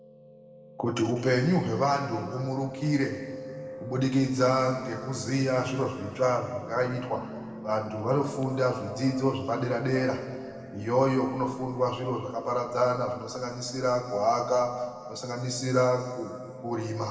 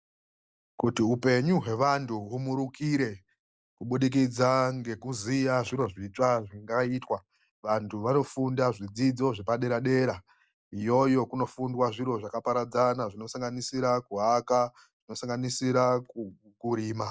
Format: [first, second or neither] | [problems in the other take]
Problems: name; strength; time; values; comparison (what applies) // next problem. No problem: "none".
second | background sound (Piano); 16 dB below the speech // room echo; dies away in 1.9 s